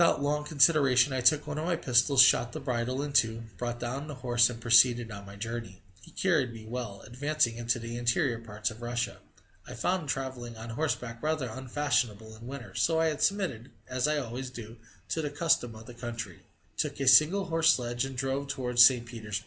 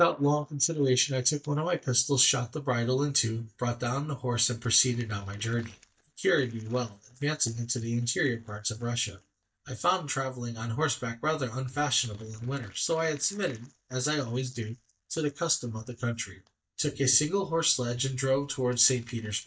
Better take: first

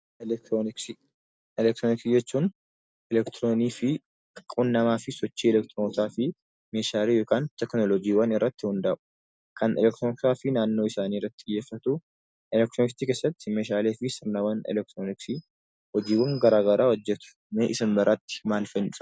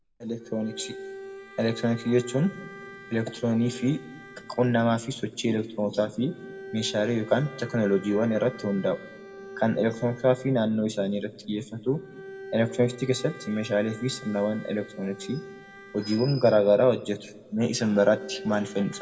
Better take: first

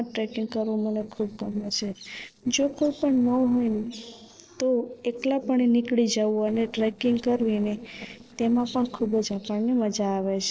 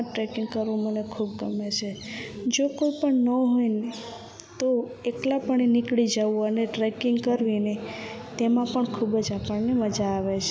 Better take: second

